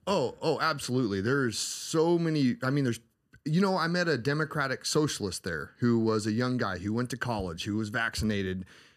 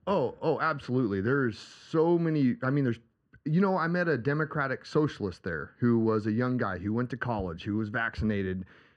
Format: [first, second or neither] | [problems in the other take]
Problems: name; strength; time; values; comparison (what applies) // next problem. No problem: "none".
first | muffled; slightly; fading above 2 kHz